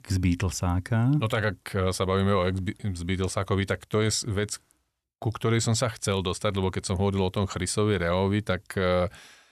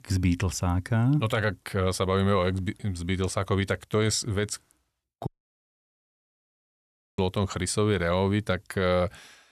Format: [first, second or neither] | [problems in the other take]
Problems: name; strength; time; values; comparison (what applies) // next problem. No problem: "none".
first | audio cutting out; at 5.5 s for 2 s